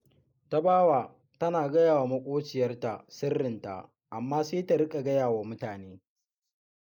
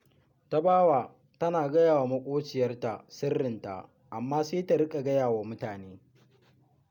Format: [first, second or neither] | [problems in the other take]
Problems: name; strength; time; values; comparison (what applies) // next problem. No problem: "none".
second | noise reduction (neural mask model Resemble Enhance denoiser)